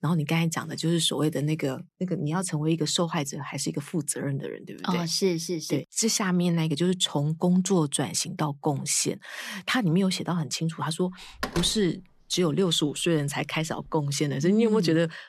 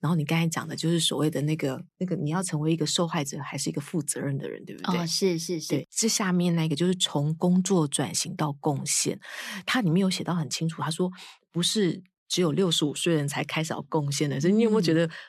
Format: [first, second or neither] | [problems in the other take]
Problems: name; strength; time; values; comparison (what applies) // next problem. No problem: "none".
second | door banging; noticeable; at 11 s; peak 6 dB below the speech